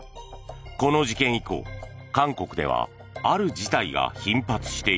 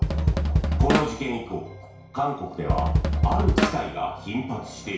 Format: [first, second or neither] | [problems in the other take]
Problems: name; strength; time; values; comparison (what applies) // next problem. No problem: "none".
first | background sound (Drum kit); 5 dB above the speech // room echo; dies away in 0.6 s